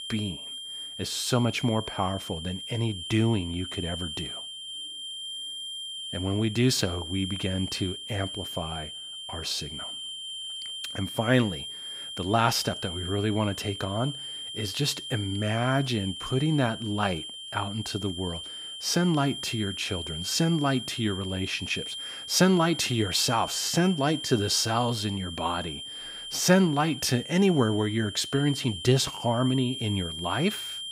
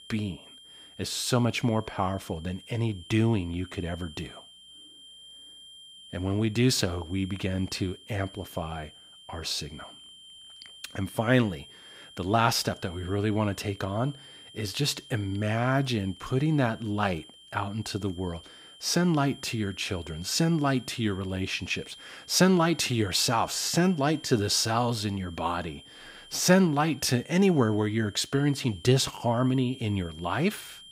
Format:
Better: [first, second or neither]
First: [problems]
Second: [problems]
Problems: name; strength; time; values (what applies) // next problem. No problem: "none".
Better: second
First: high-pitched whine; loud; throughout; 3 kHz, 8 dB below the speech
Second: high-pitched whine; faint; throughout; 3 kHz, 20 dB below the speech